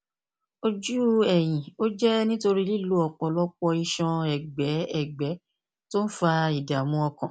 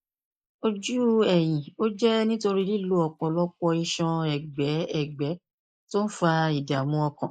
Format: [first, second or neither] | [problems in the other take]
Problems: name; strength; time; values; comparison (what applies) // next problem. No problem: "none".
first | noise reduction (neural mask model Resemble Enhance denoiser)